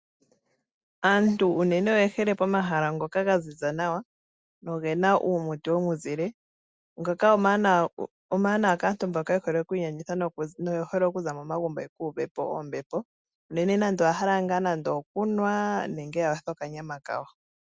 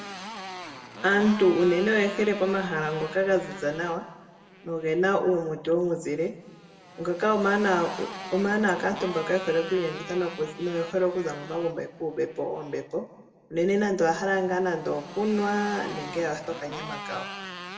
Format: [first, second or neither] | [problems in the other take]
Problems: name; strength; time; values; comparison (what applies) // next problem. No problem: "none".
first | background sound (Motorcycle); 14 dB below the speech // room echo; dies away in 1.4 s